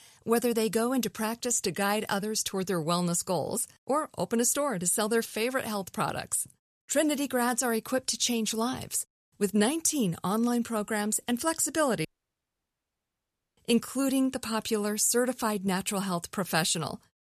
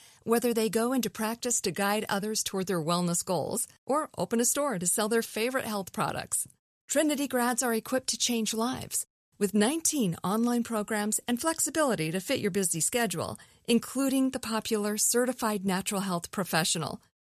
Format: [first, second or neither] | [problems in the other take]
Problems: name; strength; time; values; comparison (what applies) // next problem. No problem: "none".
second | audio cutting out; at 12 s for 1.5 s